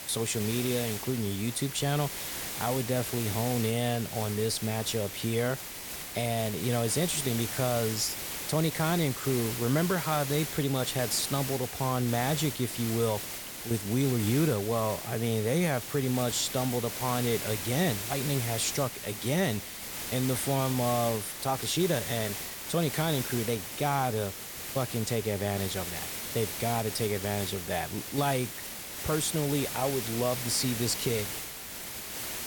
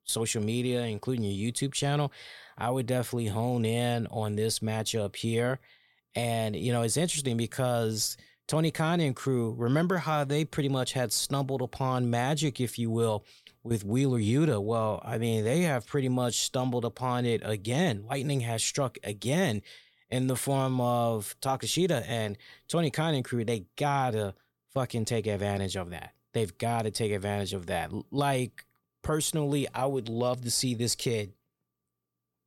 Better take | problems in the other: second | hiss; loud; throughout; 5 dB below the speech

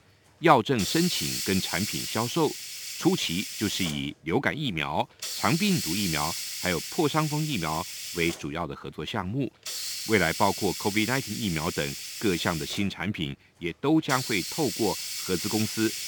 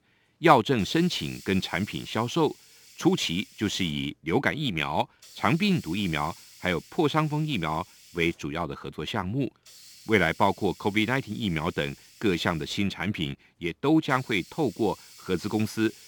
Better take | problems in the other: second | hiss; loud; throughout; 4 dB below the speech; faint in the second

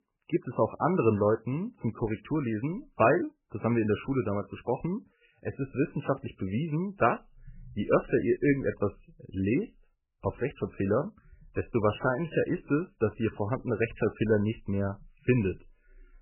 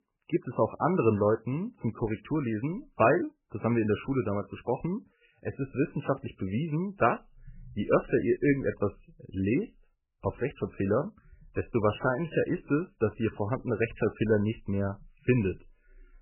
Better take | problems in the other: neither | garbled, watery; badly; nothing above 3 kHz; the same in both

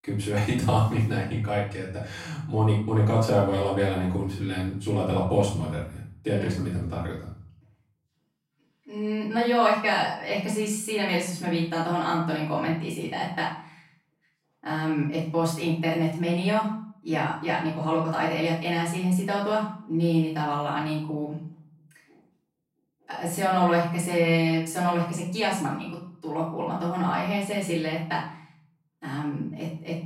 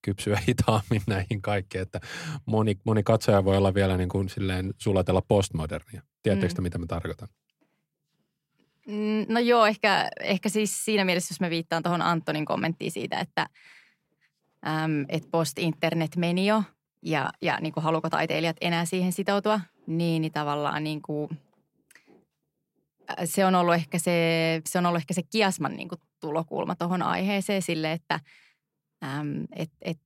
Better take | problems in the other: second | off-mic speech; far // room echo; noticeable; dies away in 0.5 s

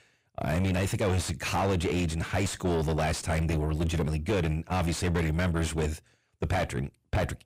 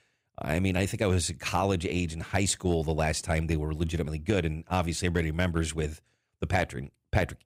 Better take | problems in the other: second | distortion; heavy; 6 dB below the speech

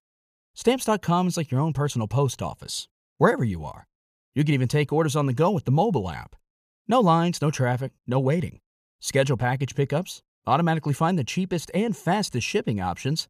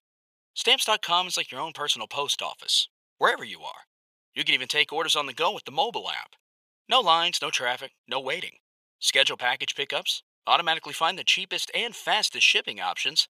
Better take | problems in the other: first | thin; very; fading below 750 Hz

